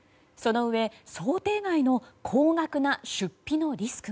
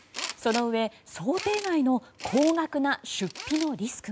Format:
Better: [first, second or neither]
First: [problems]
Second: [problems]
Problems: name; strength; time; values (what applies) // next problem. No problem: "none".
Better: first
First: none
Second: background sound (Tools); 13 dB below the speech